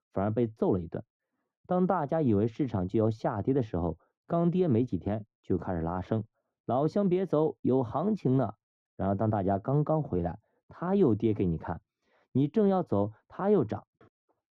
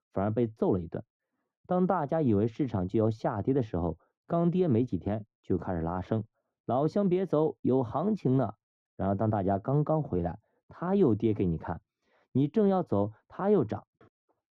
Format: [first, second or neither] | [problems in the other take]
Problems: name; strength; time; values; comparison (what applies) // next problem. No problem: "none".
neither | muffled; very; fading above 1.5 kHz; the same in both